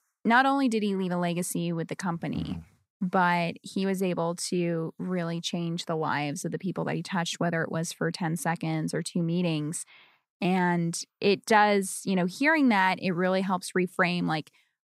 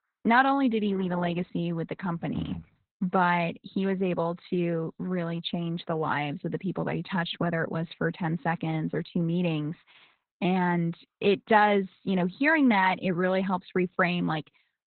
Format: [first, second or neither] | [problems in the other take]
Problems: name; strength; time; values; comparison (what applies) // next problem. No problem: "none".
first | garbled, watery; badly; nothing above 4 kHz